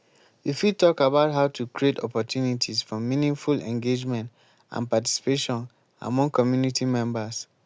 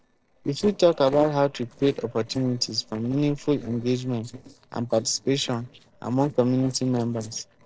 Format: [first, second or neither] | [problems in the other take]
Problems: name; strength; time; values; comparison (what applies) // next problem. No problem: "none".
first | noise reduction (neural separator model SepFormer DNS4)